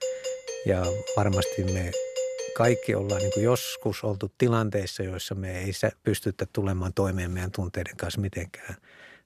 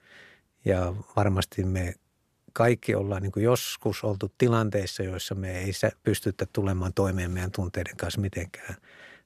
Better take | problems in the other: second | doorbell; noticeable; until 4 s; peak 1 dB below the speech

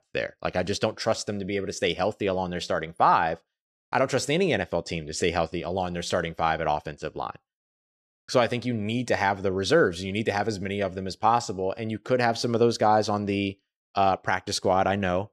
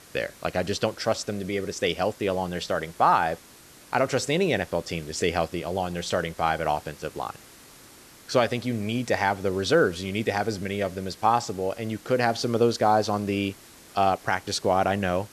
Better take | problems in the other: first | hiss; faint; throughout; 20 dB below the speech

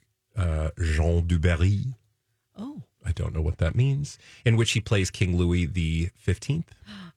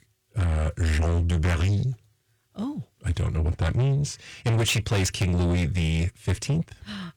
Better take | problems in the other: first | distortion; heavy; 8 dB below the speech

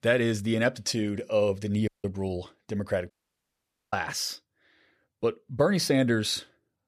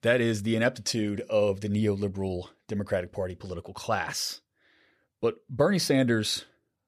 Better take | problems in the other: second | audio cutting out; at 2 s and at 3 s for 1 s

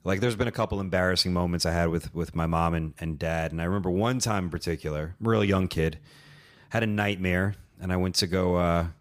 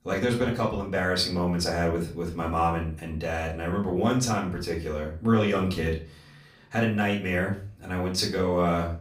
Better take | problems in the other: first | off-mic speech; far // room echo; slight; dies away in 0.3 s

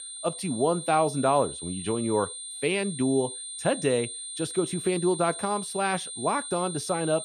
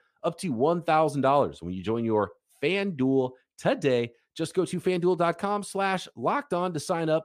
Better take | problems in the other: second | high-pitched whine; loud; throughout; 9 kHz, 8 dB below the speech

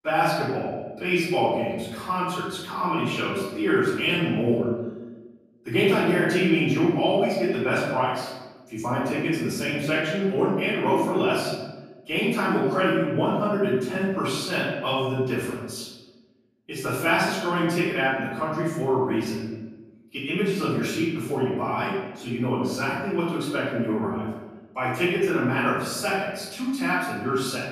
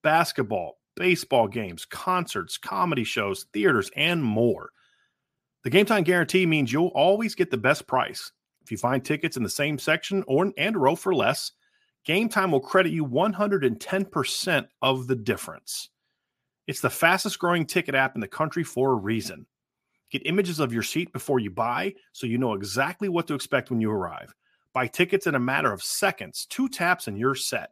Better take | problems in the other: second | off-mic speech; far // room echo; strong; dies away in 1.1 s

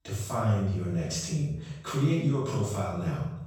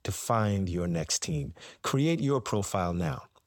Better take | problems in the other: second | off-mic speech; far // room echo; noticeable; dies away in 0.8 s

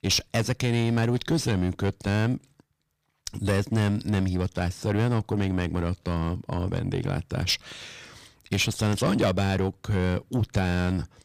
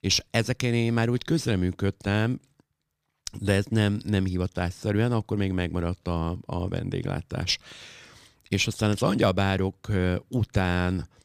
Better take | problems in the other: second | distortion; slight; 10 dB below the speech

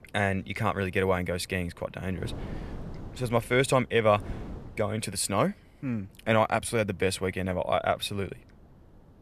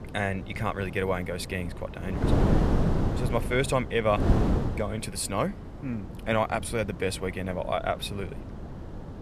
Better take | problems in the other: first | wind noise on the microphone; heavy; 7 dB below the speech; occasional gusts in the first

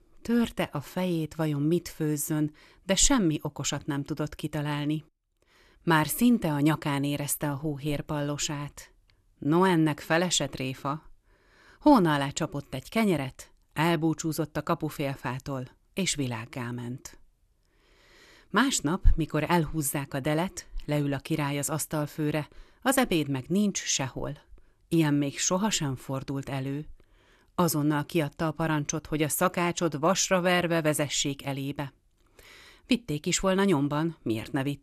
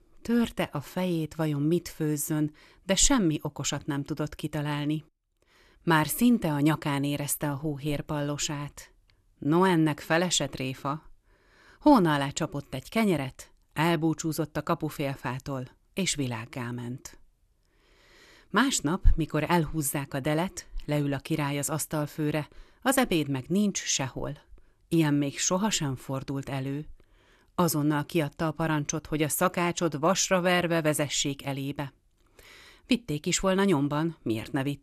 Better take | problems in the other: neither | none

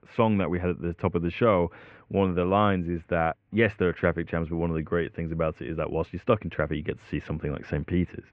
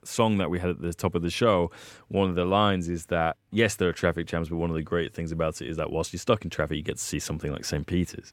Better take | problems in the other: second | muffled; very; fading above 2.5 kHz

